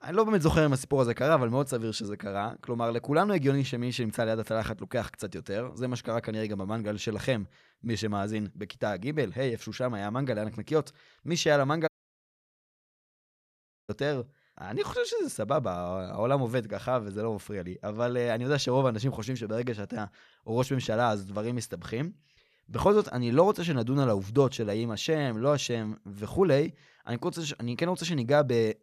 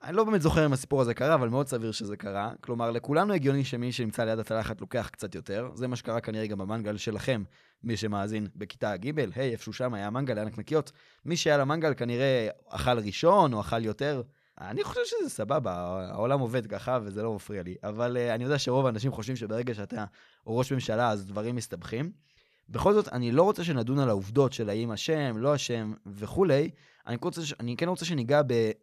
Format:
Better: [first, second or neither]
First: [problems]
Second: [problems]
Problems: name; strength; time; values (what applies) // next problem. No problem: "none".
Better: second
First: audio cutting out; at 12 s for 2 s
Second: none